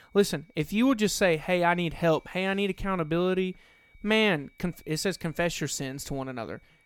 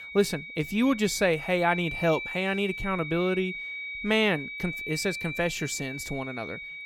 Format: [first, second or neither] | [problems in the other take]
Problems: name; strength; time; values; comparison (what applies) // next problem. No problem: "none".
first | high-pitched whine; loud; throughout; 2.5 kHz, 7 dB below the speech; faint in the first